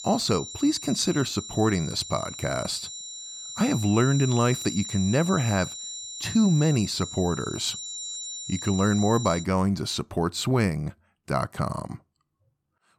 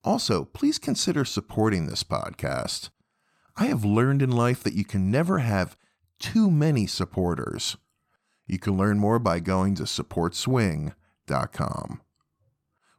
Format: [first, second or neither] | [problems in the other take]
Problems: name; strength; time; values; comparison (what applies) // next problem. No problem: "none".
second | high-pitched whine; loud; until 9.5 s; 4 kHz, 9 dB below the speech